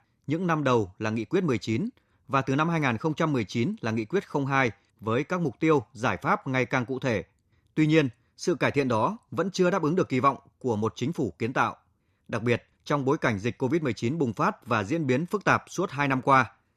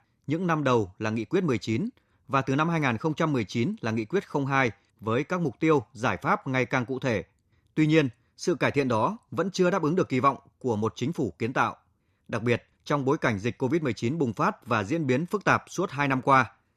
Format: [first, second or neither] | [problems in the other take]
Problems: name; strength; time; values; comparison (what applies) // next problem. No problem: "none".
neither | none